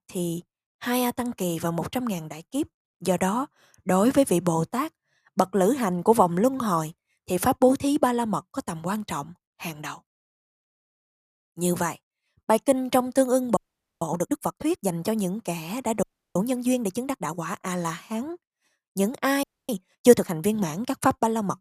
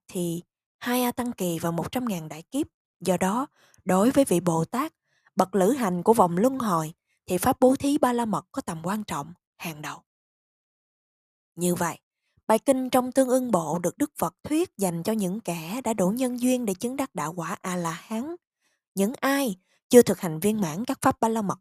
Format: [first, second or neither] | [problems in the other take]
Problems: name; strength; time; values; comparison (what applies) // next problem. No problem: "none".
second | audio freezing; at 14 s, at 16 s and at 19 s